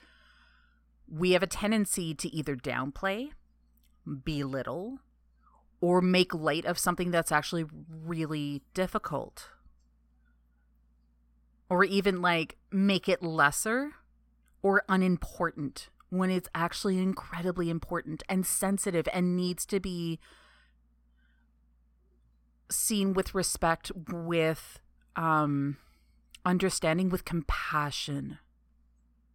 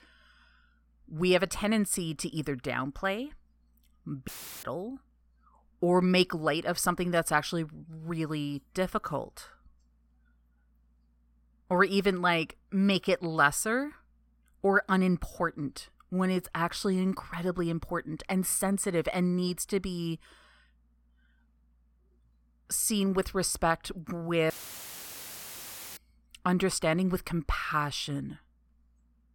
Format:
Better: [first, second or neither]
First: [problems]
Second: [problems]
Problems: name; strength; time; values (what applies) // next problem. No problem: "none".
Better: first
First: none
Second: audio cutting out; filled with static; at 4.5 s and at 25 s for 1.5 s